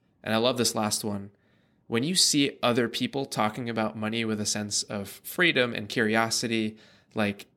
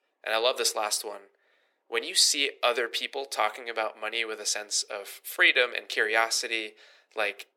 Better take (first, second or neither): first